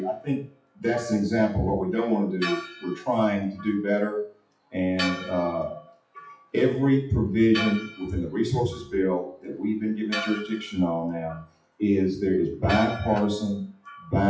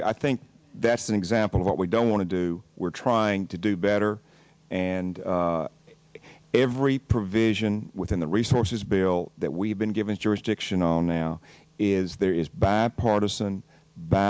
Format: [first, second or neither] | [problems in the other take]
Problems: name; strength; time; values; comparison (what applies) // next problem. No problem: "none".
second | noise reduction (classical method WPE with log-MMSE)